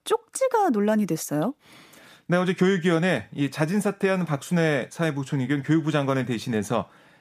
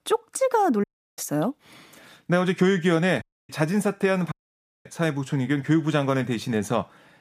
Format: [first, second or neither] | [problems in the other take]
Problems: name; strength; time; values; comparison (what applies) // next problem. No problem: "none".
first | audio cutting out; at 1 s, at 3 s and at 4.5 s for 0.5 s